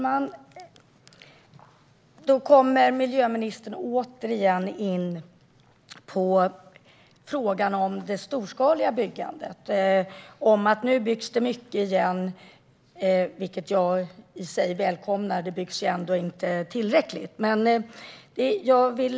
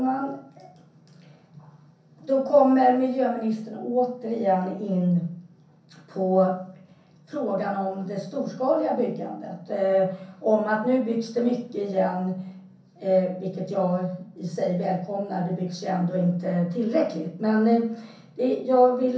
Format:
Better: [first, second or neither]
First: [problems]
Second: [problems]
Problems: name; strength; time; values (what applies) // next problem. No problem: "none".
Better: first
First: none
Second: room echo; dies away in 0.6 s